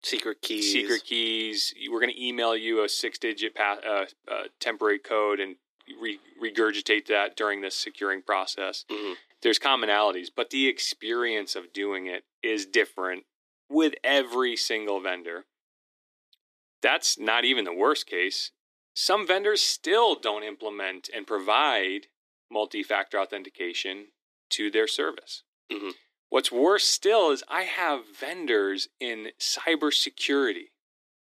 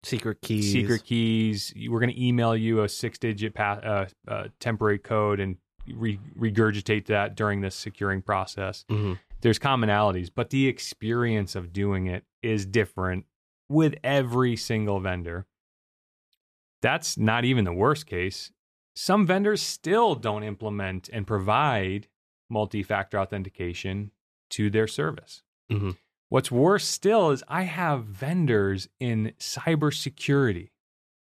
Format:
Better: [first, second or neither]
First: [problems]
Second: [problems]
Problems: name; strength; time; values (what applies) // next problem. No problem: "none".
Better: second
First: thin; somewhat; fading below 300 Hz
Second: none